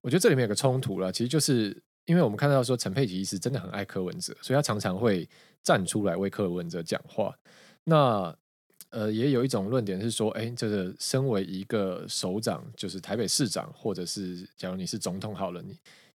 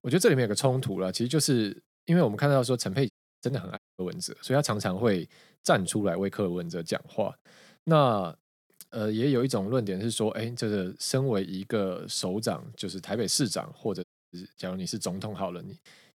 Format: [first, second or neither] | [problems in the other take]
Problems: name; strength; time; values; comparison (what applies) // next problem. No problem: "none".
first | audio cutting out; at 3 s, at 4 s and at 14 s